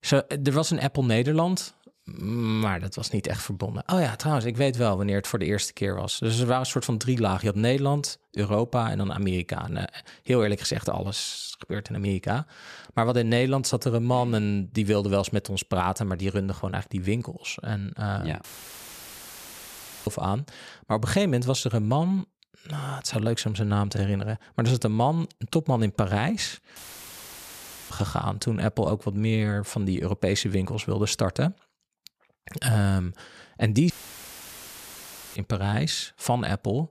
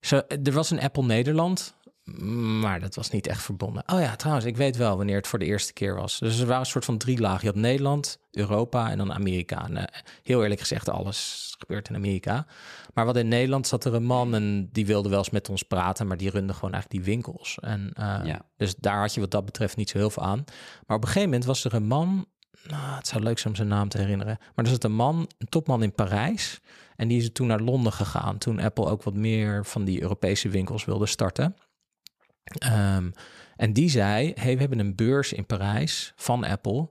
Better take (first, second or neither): second